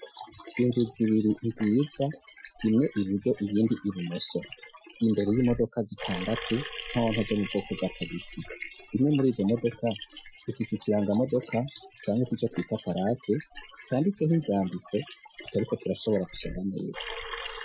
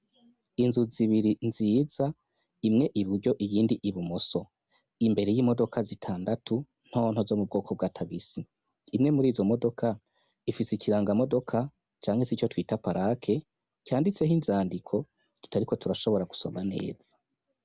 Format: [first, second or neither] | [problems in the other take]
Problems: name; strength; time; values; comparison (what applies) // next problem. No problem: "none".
second | noise reduction (classical method Wiener filter)